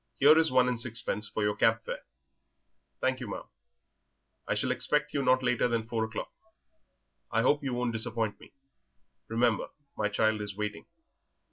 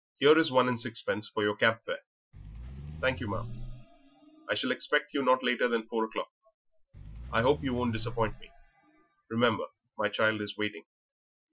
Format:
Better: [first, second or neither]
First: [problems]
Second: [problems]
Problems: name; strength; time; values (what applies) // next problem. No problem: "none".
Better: first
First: none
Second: noise reduction (classical method Wiener filter)